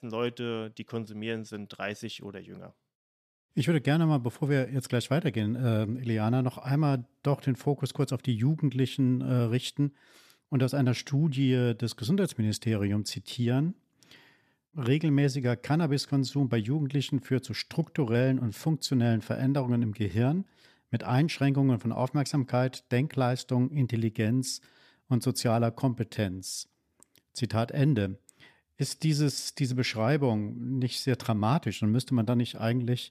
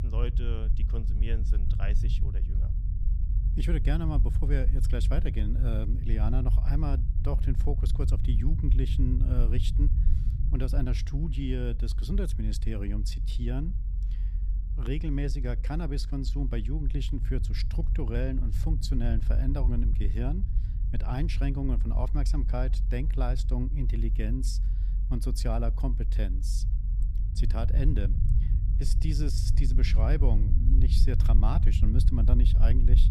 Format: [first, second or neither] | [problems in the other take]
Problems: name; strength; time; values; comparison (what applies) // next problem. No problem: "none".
first | low rumble; loud; throughout; 8 dB below the speech